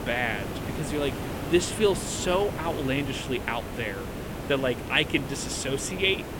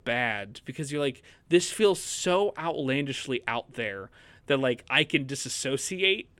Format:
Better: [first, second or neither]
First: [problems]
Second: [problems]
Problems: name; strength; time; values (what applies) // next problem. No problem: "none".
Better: second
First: hiss; loud; throughout; 7 dB below the speech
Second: none